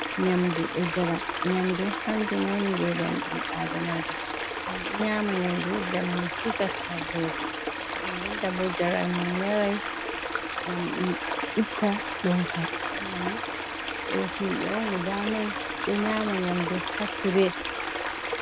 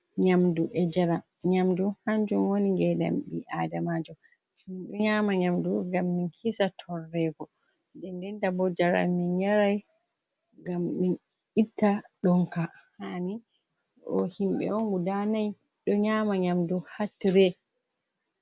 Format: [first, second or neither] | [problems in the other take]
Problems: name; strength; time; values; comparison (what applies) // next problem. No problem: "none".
second | background sound (Stream); 3 dB below the speech